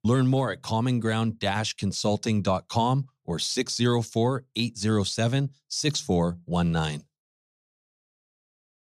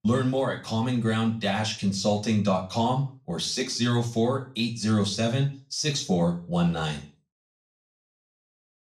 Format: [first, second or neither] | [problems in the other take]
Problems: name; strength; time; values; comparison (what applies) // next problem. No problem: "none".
first | room echo; slight; dies away in 0.3 s // off-mic speech; somewhat distant